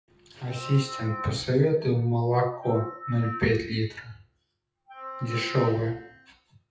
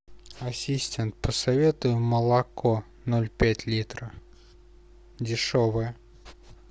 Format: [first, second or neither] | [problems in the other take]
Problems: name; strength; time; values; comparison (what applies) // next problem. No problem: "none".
second | noise reduction (classical method WPE with log-MMSE)